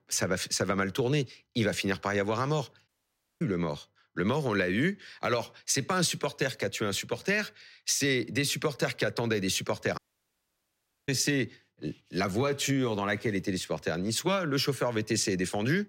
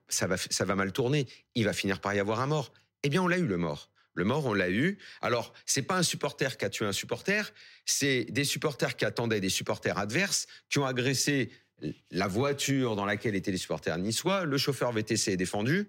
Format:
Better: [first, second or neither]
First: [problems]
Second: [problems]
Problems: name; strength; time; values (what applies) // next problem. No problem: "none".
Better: second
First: audio cutting out; at 3 s for 0.5 s and at 10 s for 1 s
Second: none